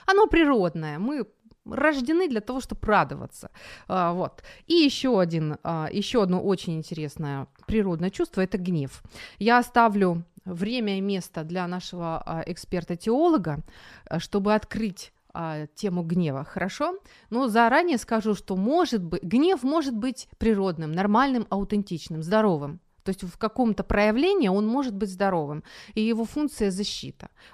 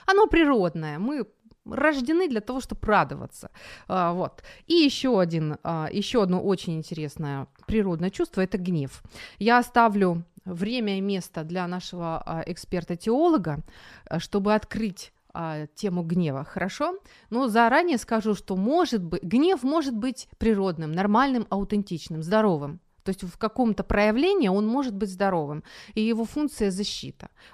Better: neither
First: none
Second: none

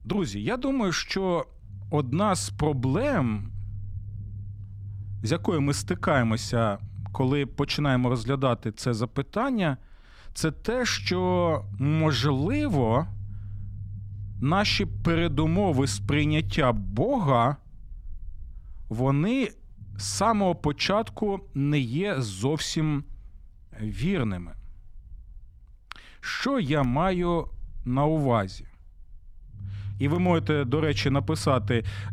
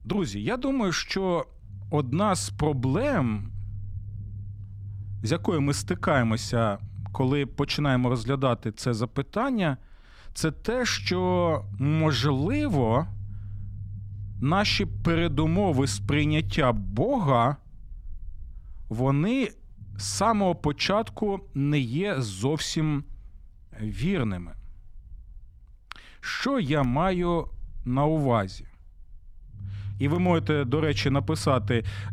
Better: neither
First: low rumble; faint; throughout; 25 dB below the speech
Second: low rumble; faint; throughout; 25 dB below the speech

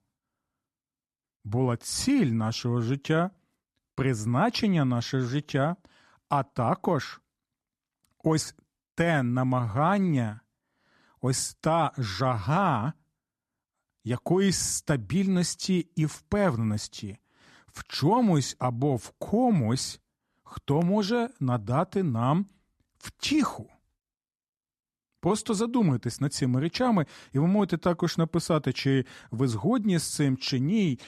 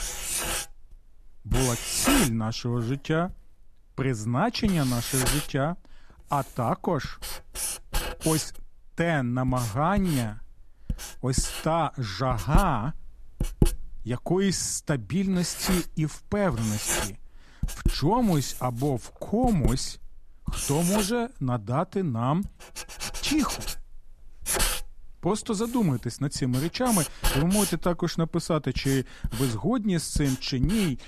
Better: first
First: none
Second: household noises; loud; throughout; 4 dB below the speech

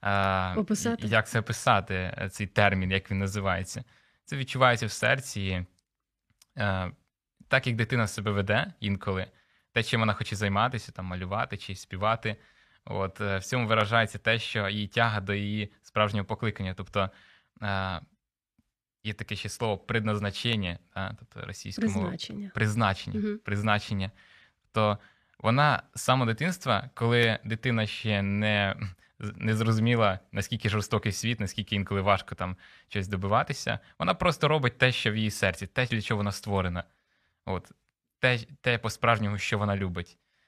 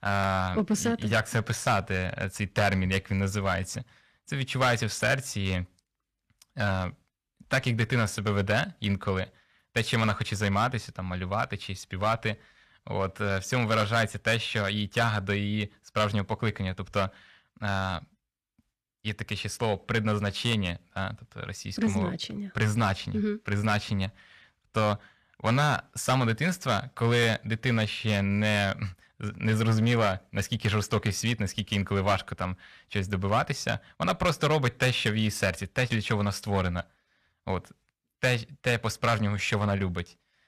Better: first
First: none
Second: distortion; slight; 4% of the sound clipped

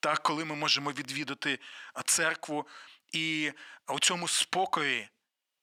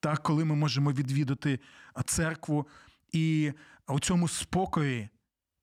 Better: second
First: thin; very; fading below 500 Hz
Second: none

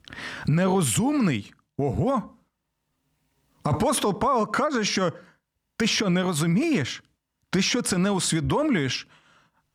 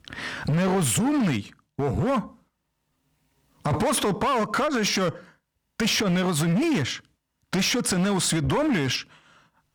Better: first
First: none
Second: distortion; slight; 16% of the sound clipped

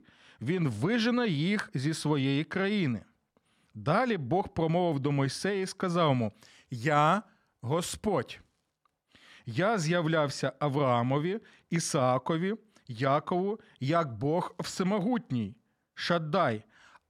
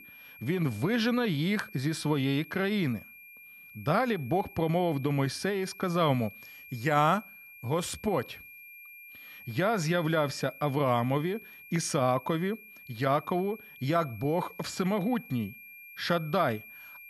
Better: first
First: none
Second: high-pitched whine; noticeable; throughout; 2.5 kHz, 20 dB below the speech

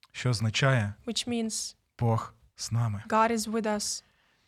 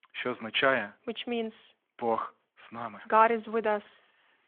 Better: first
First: none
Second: phone-call audio

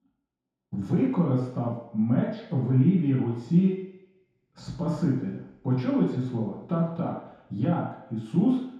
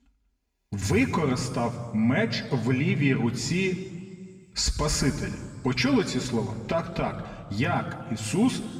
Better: second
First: room echo; strong; dies away in 0.8 s // off-mic speech; far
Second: room echo; slight; dies away in 1.6 s // off-mic speech; somewhat distant

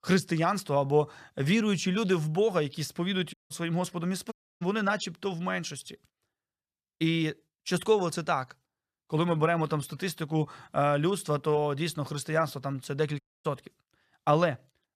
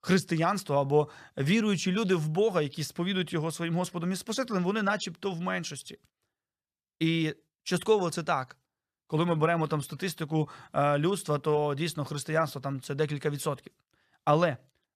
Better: second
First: audio cutting out; at 3.5 s, at 4.5 s and at 13 s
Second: none

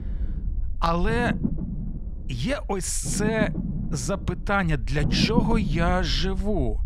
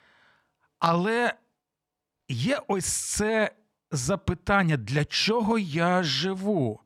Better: second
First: low rumble; loud; throughout; 10 dB below the speech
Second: none

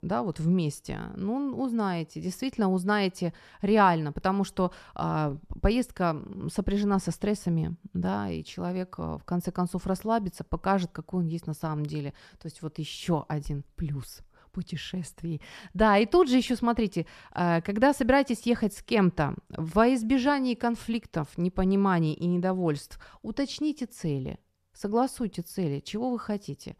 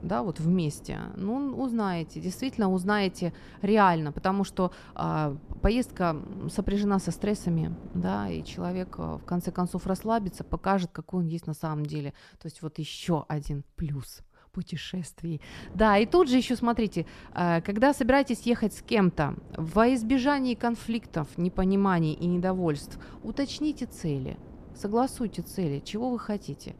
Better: first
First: none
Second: wind noise on the microphone; occasional gusts; until 11 s and from 16 s on; 25 dB below the speech

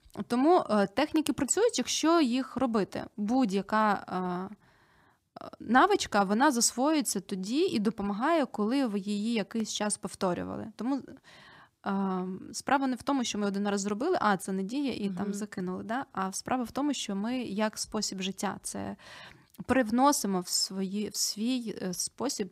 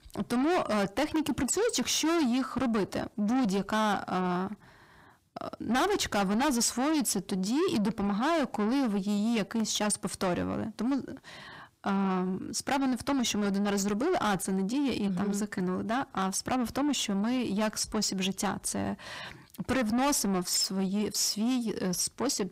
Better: first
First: none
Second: distortion; heavy; 7 dB below the speech

